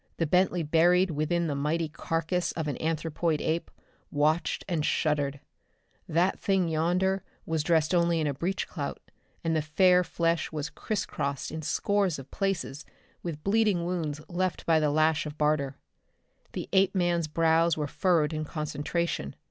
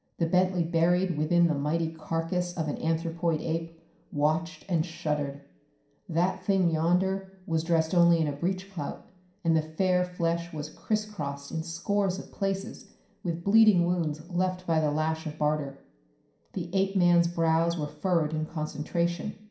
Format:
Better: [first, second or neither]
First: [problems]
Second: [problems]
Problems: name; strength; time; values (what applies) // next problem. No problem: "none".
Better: first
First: none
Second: room echo; dies away in 0.5 s